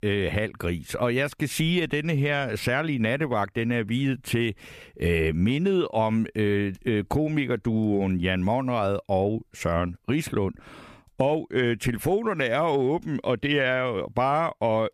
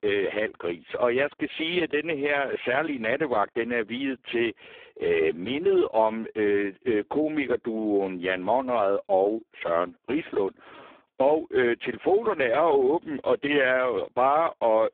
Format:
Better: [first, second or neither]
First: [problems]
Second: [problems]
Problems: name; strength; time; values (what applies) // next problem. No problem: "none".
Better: first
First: none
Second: phone-call audio; poor line